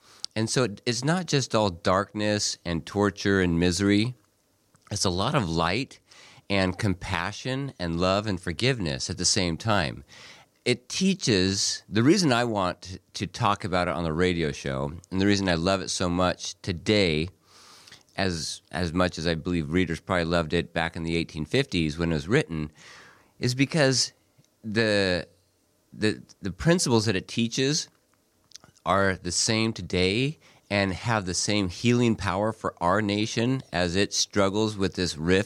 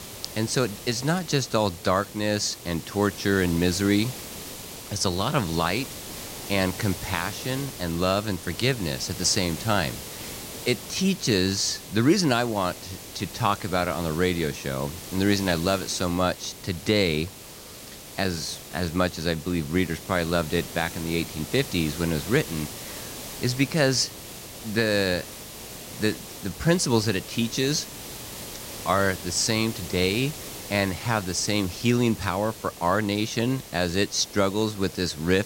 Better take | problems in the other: first | hiss; noticeable; throughout; 10 dB below the speech

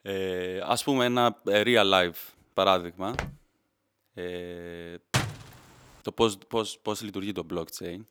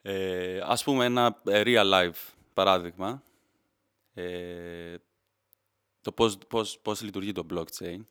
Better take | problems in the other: second | footsteps; noticeable; at 3 s; peak 10 dB below the speech // door banging; noticeable; at 5 s; peak 2 dB below the speech

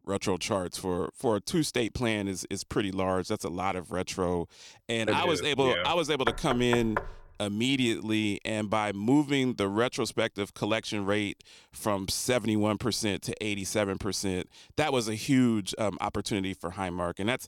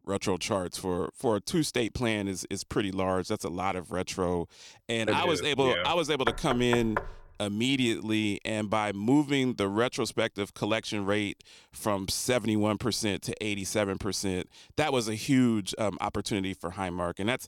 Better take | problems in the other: neither | door banging; noticeable; at 6.5 s; peak 4 dB below the speech; the same in both

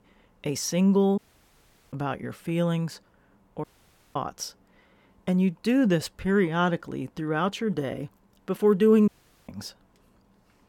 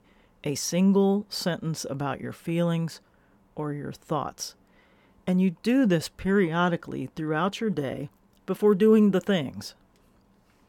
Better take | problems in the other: second | audio cutting out; at 1 s for 1 s, at 3.5 s for 0.5 s and at 9 s

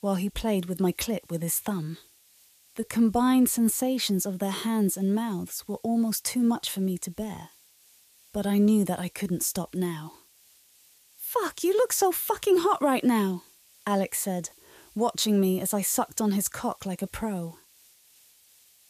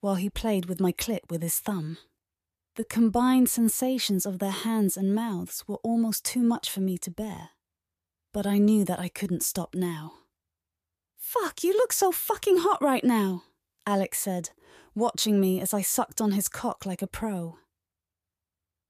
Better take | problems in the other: second | hiss; faint; throughout; 30 dB below the speech

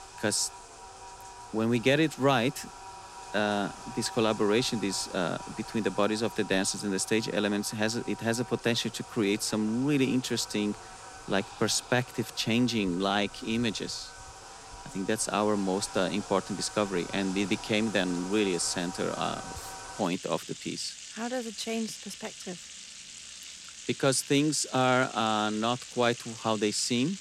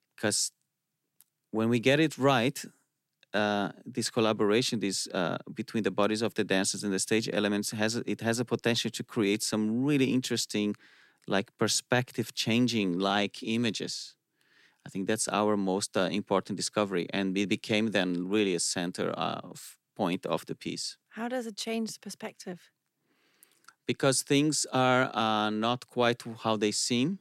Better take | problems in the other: second | household noises; noticeable; throughout; 15 dB below the speech

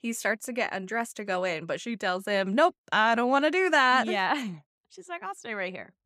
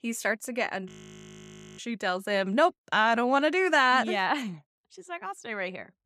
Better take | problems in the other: first | audio freezing; at 1 s for 1 s

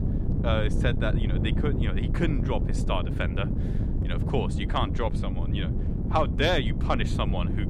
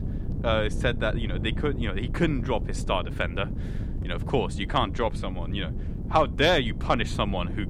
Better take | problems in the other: second | wind noise on the microphone; heavy; 8 dB below the speech; occasional gusts in the second

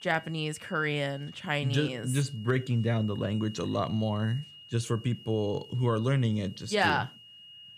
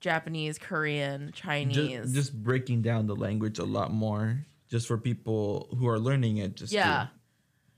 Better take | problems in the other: second | high-pitched whine; noticeable; throughout; 3 kHz, 20 dB below the speech

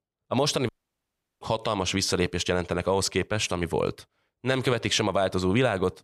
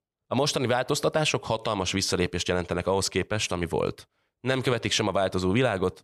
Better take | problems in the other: second | audio cutting out; at 0.5 s for 0.5 s

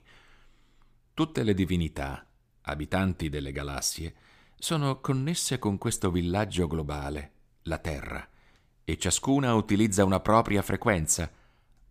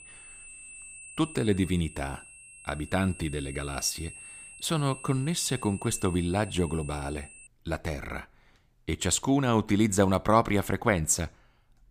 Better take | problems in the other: first | high-pitched whine; noticeable; until 7.5 s; 2.5 kHz, 15 dB below the speech

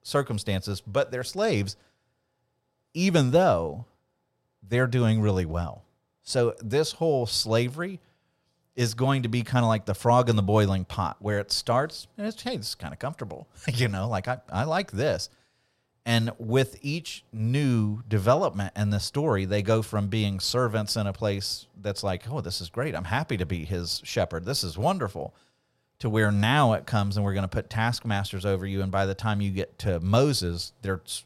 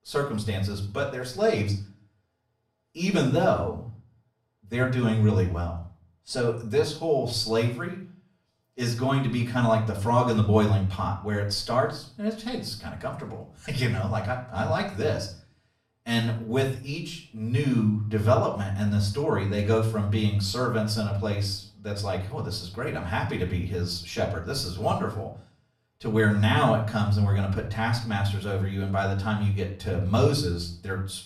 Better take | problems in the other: first | off-mic speech; far // room echo; slight; dies away in 0.5 s

